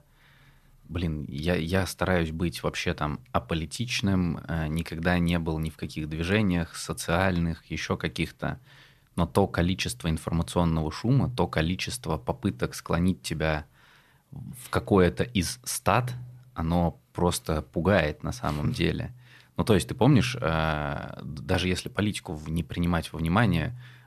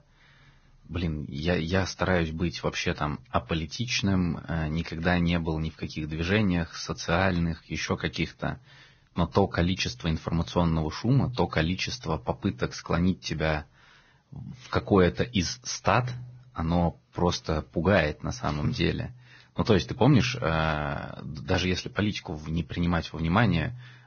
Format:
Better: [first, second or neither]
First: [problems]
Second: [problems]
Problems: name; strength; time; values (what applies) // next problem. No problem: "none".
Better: first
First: none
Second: garbled, watery; badly; nothing above 6.5 kHz